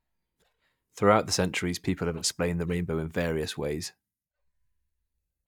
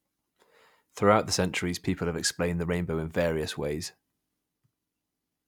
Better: second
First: noise reduction (neural mask model DeepFilterNet 3)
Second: none

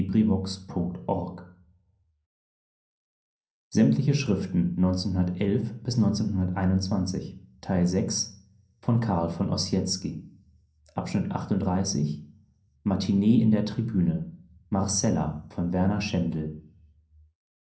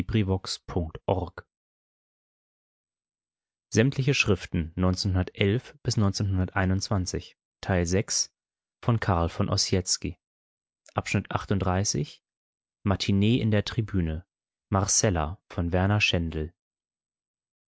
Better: second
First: room echo; dies away in 0.6 s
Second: none

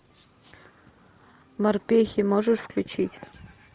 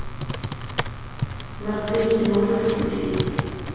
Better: first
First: none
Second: background sound (Computer keyboard); 5 dB below the speech // room echo; dies away in 2.1 s

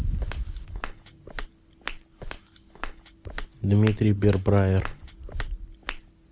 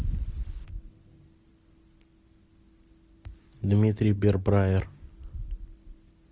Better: second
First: background sound (Walk, footsteps); 12 dB below the speech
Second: none

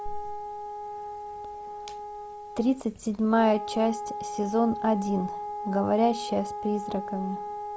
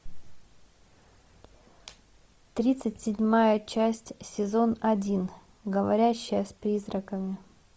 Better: second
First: background sound (Wind instrument, woodwind instrument); 7 dB below the speech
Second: none

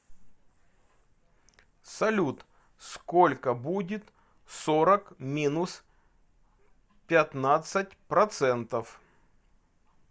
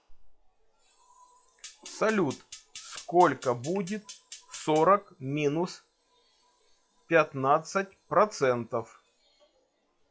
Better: first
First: none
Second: noise reduction (classical method log-MMSE)

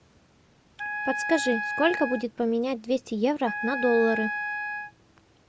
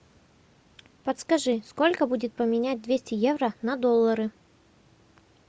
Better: second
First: background sound (Wind instrument, woodwind instrument); 5 dB below the speech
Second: none

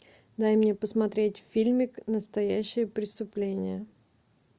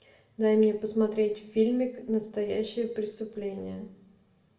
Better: first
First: none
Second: room echo; dies away in 0.6 s

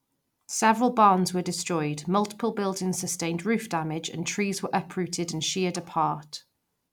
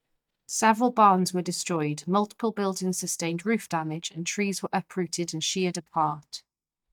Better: first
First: none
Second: noise reduction (neural mask model DeepFilterNet 3)

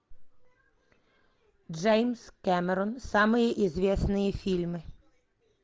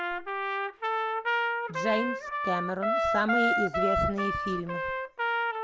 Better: first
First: none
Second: background sound (Trumpet); 4 dB above the speech

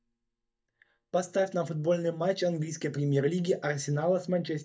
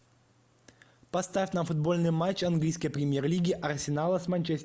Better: second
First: noise reduction (neural mask model DeepFilterNet 3)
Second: none

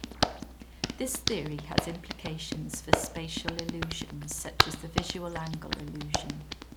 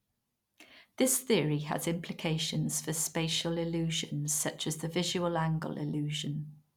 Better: second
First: background sound (Hands); 5 dB above the speech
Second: none

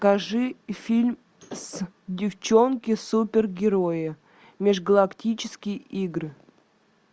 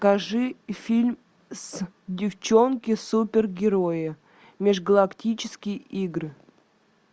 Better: second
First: background sound (Slam / Wood); 19 dB below the speech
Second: none

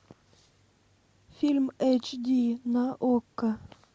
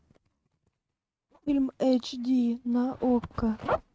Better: first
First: none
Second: noise reduction (neural mask model RNNoise)

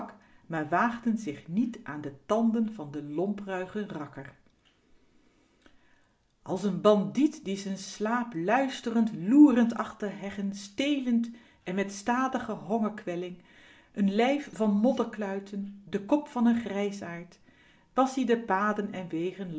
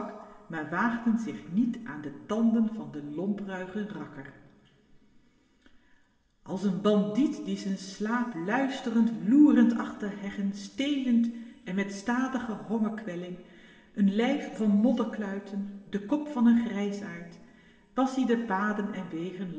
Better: first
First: none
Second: room echo; dies away in 3 s

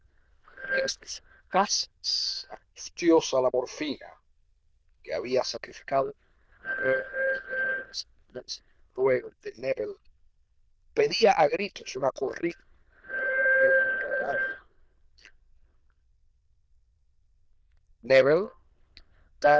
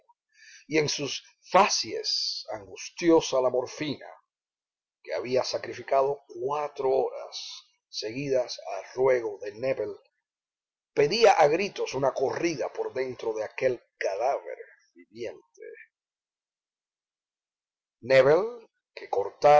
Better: second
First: noise reduction (neural diffusion model UNIVERSE++)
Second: none

